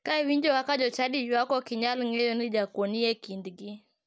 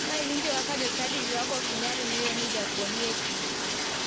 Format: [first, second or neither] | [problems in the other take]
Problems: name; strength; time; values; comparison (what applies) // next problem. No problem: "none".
first | background sound (Bathtub (filling or washing)); 5 dB above the speech